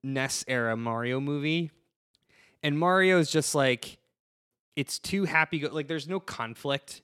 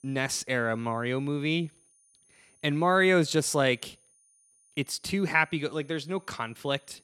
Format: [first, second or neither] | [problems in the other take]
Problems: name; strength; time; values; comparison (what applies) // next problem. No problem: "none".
first | high-pitched whine; faint; throughout; 9.5 kHz, 35 dB below the speech